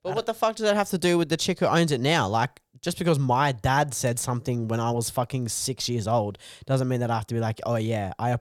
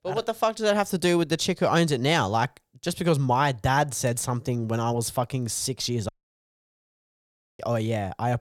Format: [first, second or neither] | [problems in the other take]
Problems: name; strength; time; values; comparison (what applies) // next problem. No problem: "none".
first | audio cutting out; at 6 s for 1.5 s